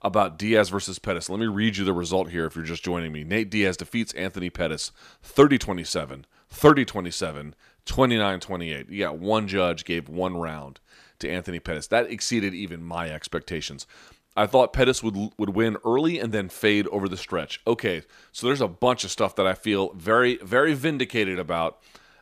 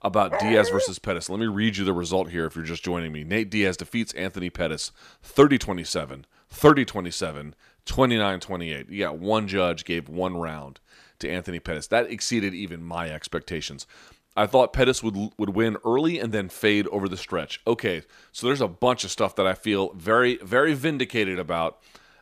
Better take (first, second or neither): first